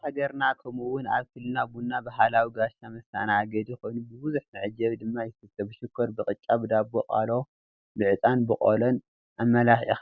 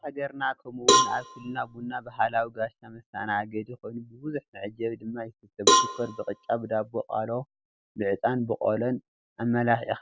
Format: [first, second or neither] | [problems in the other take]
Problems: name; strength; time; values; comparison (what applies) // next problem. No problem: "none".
first | background sound (Cowbell); 3 dB above the speech